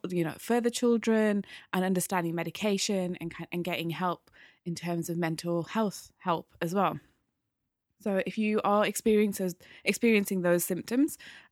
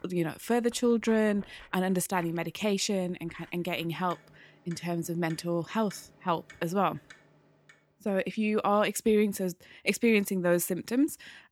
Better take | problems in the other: first | household noises; faint; until 7.5 s; 25 dB below the speech

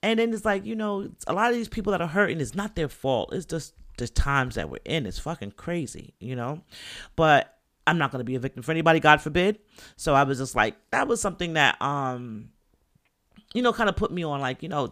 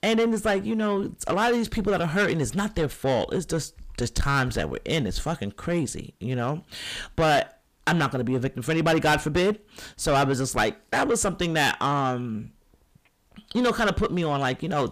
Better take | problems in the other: first | distortion; heavy; 6 dB below the speech

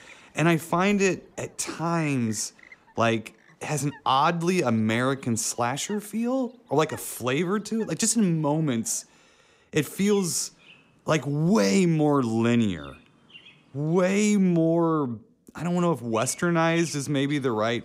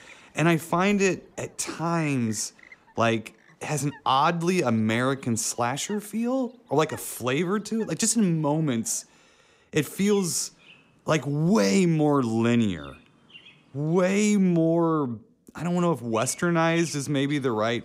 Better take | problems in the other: neither | animal sounds; faint; throughout; 25 dB below the speech; the same in both

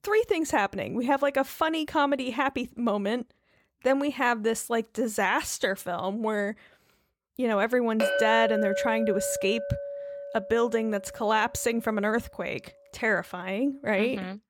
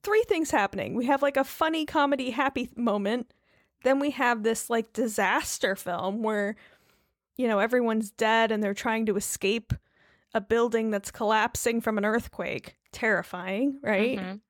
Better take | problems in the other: second | clattering dishes; loud; from 8 to 11 s; peak 2 dB above the speech

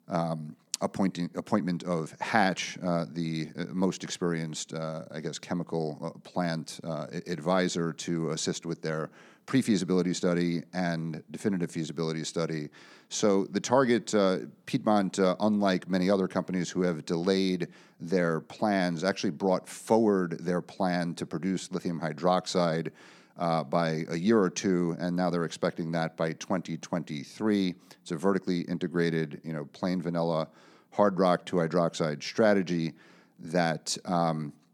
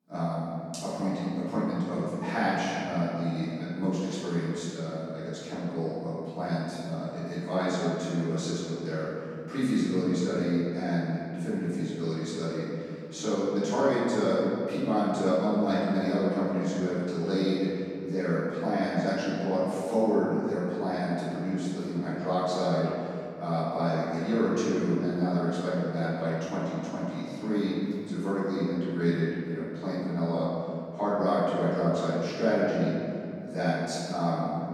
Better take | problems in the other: first | room echo; strong; dies away in 2.6 s // off-mic speech; far

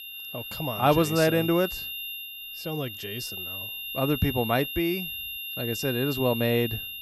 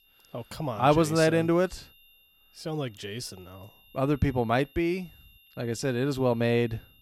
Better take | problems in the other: second | high-pitched whine; loud; throughout; 3 kHz, 6 dB below the speech; faint in the second

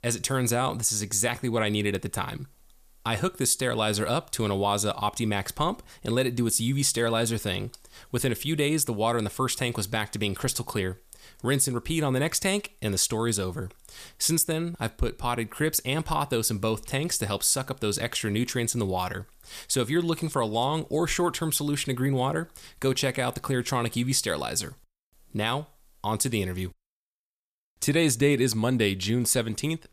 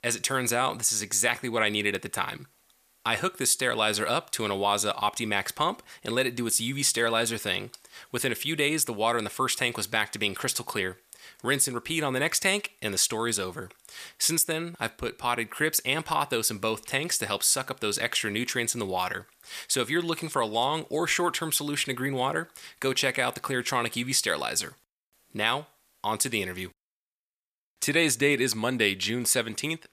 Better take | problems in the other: first | thin; very slightly; fading below 700 Hz

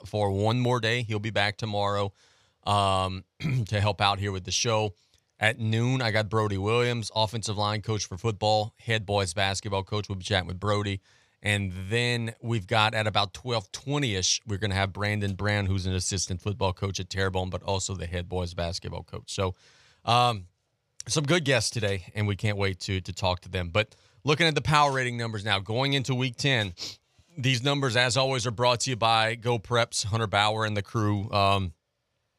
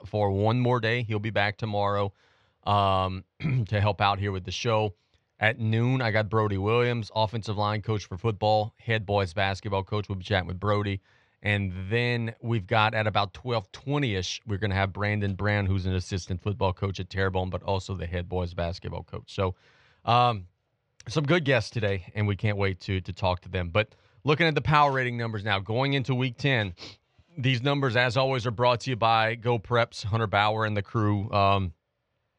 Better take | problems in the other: first | muffled; slightly; fading above 3 kHz

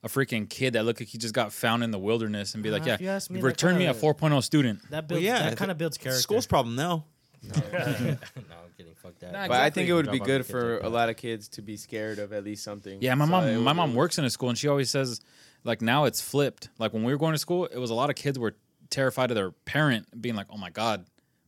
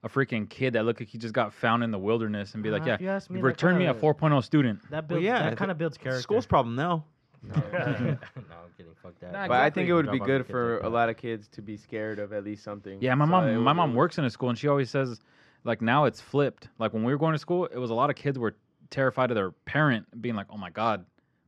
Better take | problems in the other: first | muffled; very; fading above 2.5 kHz

